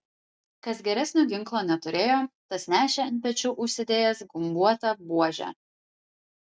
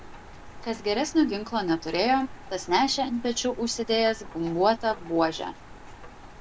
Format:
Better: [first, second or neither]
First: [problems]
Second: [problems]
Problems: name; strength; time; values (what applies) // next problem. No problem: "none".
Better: first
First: none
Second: background sound (Rain); 16 dB below the speech